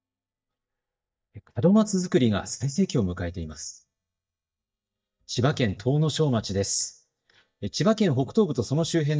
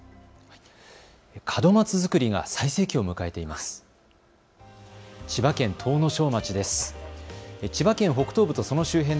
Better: second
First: noise reduction (neural mask model DeepFilterNet 3)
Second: none

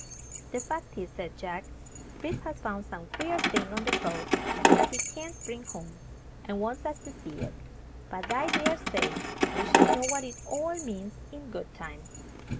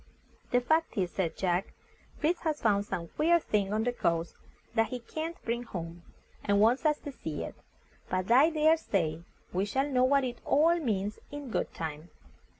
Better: second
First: background sound (Keys jangling); 4 dB above the speech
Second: none

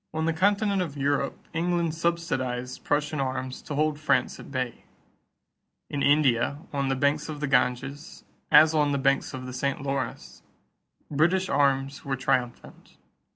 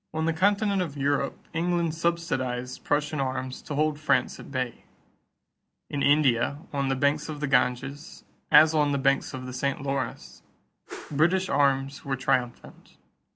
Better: first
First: none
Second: background sound (Whoosh, swoosh, swish); 16 dB below the speech

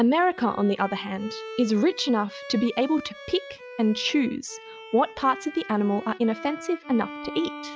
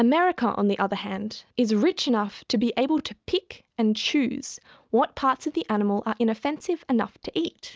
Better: second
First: noise reduction (classical method log-MMSE)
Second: none

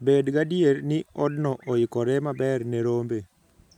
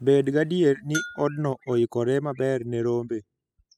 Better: first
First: none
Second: noise reduction (classical method spectral subtraction)

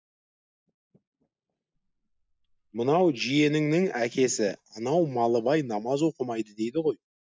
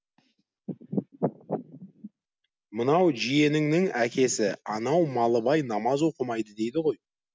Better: second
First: noise reduction (neural mask model DeepFilterNet 3)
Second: none

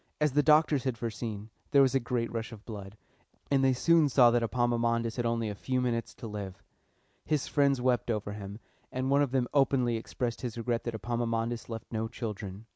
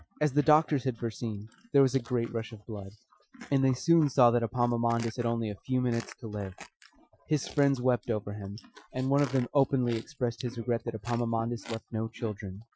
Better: first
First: none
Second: noise reduction (classical method Wiener filter)

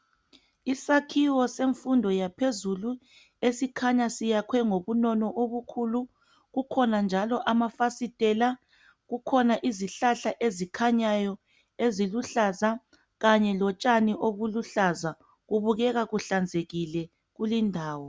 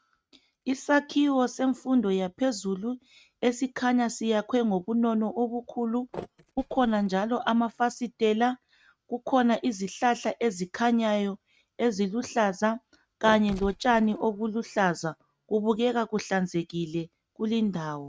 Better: first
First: none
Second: noise reduction (neural mask model RNNoise)

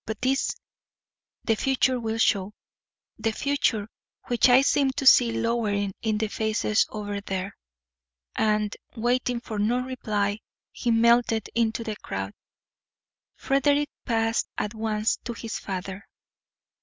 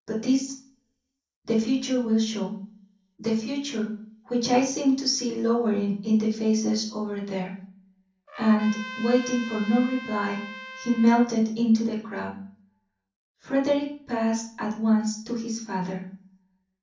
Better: first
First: none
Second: background sound (Trumpet); 13 dB below the speech // room echo; dies away in 0.6 s

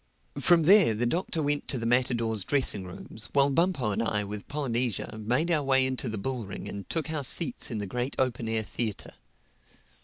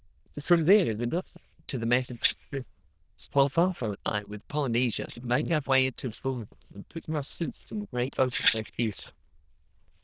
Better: first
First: none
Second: noise reduction (neural diffusion model UNIVERSE++)

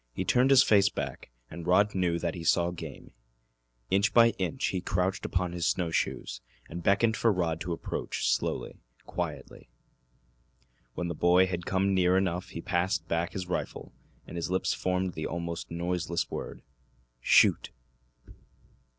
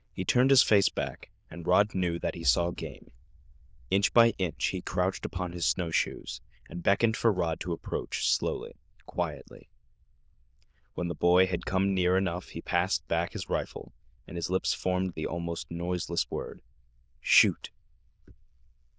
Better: first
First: none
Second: noise reduction (neural diffusion model UNIVERSE++)

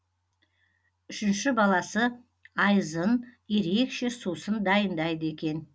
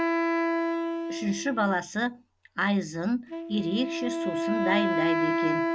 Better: first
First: none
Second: background sound (Wind instrument, woodwind instrument); 1 dB above the speech

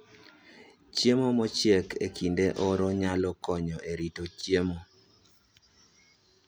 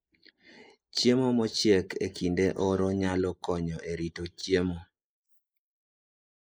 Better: first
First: none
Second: noise reduction (neural mask model Resemble Enhance denoiser)

